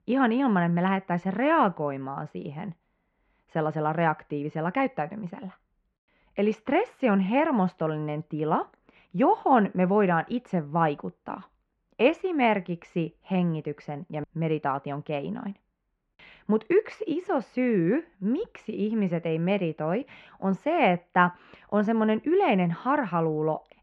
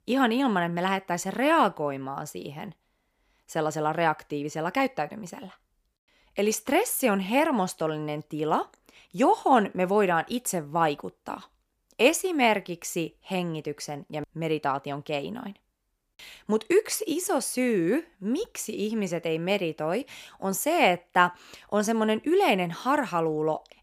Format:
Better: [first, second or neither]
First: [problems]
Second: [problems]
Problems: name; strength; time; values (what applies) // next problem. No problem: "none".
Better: second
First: muffled; very; fading above 2.5 kHz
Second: none